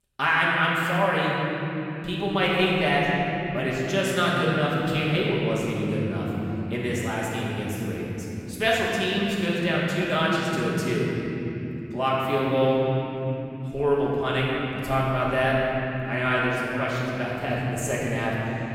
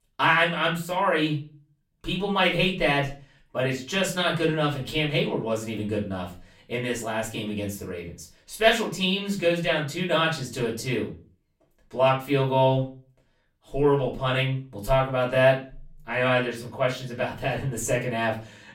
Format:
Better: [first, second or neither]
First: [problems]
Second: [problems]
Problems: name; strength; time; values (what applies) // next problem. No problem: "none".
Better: second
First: room echo; strong; dies away in 3 s // off-mic speech; far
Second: room echo; slight; dies away in 0.3 s // off-mic speech; far